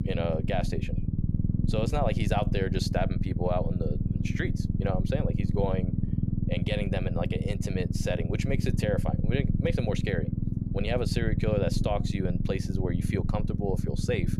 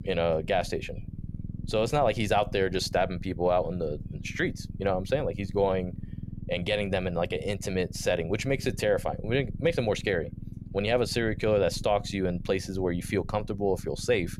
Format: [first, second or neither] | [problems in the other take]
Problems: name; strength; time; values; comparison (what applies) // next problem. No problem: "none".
second | low rumble; loud; throughout; 6 dB below the speech; faint in the second